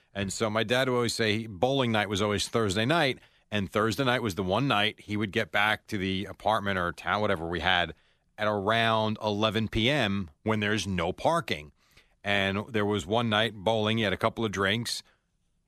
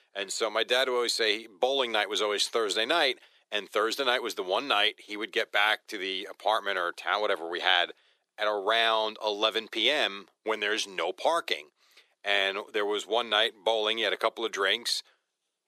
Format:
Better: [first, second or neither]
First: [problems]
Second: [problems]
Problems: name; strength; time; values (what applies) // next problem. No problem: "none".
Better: first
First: none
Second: thin; very; fading below 400 Hz